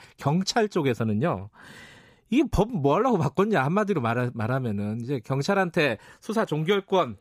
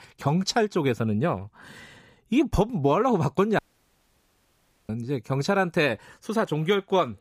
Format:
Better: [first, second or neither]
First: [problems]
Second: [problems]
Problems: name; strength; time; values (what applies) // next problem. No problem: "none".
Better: first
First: none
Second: audio cutting out; at 3.5 s for 1.5 s